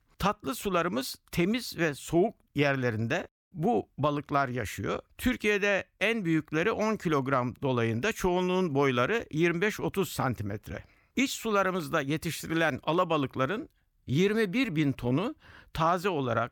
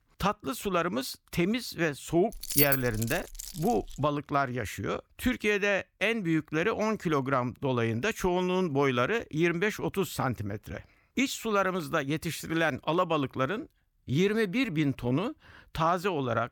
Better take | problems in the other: first | jangling keys; loud; from 2.5 to 4 s; peak 5 dB above the speech

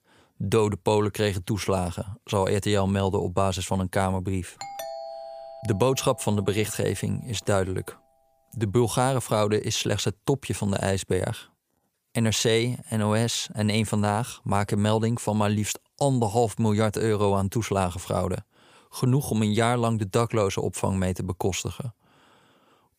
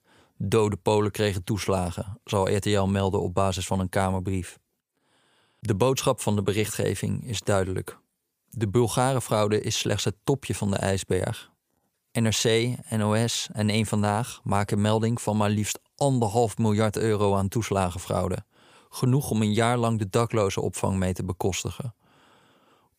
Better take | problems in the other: second | doorbell; faint; from 4.5 to 6.5 s; peak 10 dB below the speech

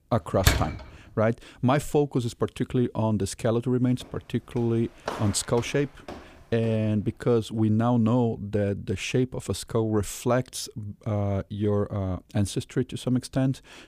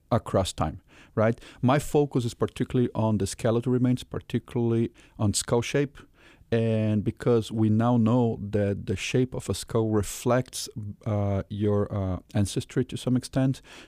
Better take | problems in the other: second | door banging; loud; at 0.5 s; peak 2 dB above the speech // footsteps; noticeable; from 4 to 7 s; peak 8 dB below the speech

